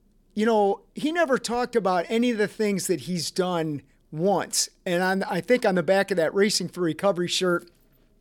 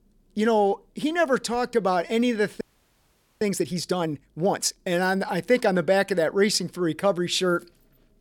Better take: first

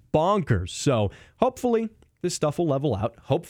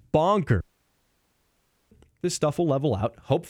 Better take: first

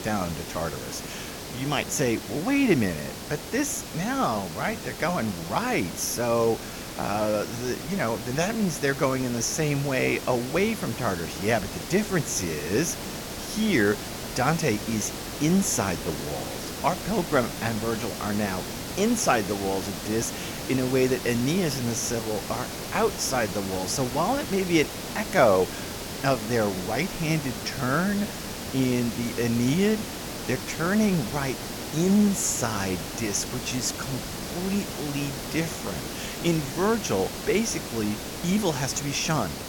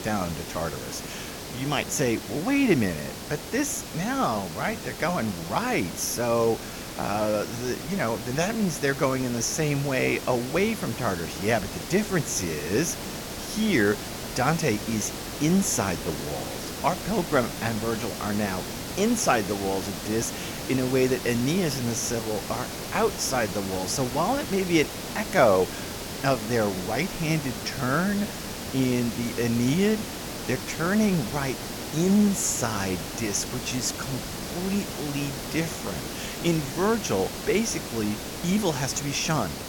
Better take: neither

